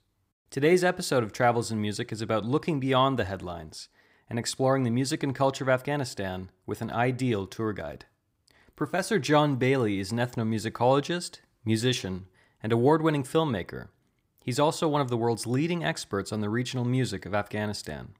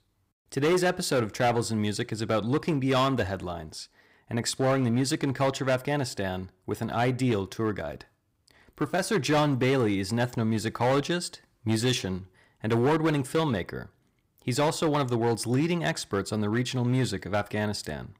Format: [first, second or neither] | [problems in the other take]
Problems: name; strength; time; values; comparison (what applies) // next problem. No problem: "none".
first | distortion; slight; 7% of the sound clipped